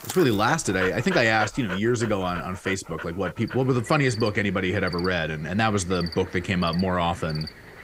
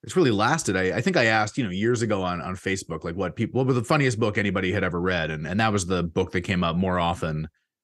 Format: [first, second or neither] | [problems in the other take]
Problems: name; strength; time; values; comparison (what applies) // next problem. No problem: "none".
second | animal sounds; noticeable; throughout; 15 dB below the speech